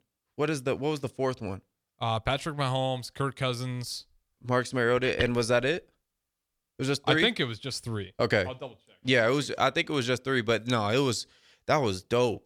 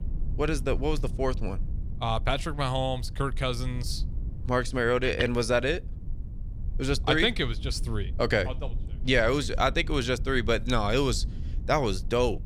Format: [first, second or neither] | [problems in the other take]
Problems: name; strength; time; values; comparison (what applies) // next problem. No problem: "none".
first | low rumble; faint; throughout; 25 dB below the speech